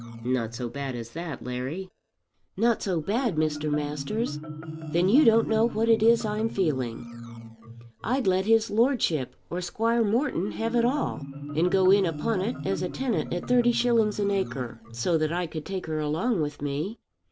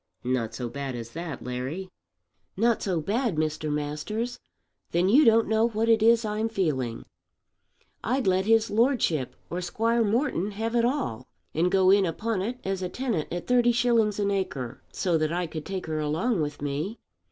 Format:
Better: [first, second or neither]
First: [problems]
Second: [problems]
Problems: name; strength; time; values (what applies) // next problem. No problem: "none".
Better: second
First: background sound (Marimba, xylophone); 12 dB below the speech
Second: none